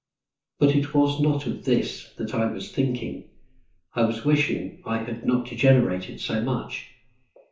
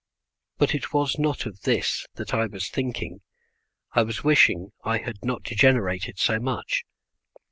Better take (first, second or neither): second